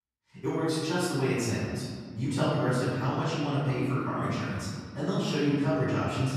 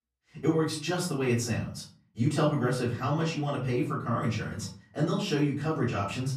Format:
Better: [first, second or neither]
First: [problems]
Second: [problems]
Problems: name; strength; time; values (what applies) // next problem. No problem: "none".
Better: second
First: room echo; strong; dies away in 1.8 s // off-mic speech; far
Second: room echo; slight; dies away in 0.4 s // off-mic speech; far